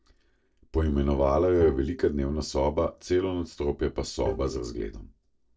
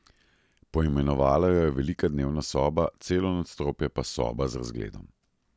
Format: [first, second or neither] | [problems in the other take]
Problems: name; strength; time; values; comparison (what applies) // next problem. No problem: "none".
second | noise reduction (neural separator model SepFormer DNS4)